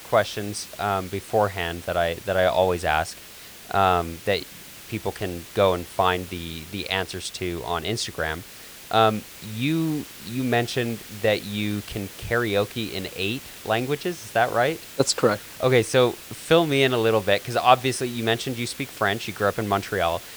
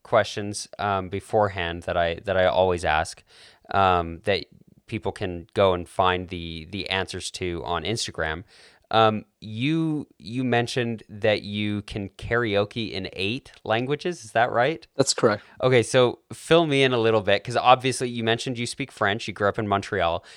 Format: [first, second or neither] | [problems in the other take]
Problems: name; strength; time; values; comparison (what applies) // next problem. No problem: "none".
second | hiss; noticeable; throughout; 15 dB below the speech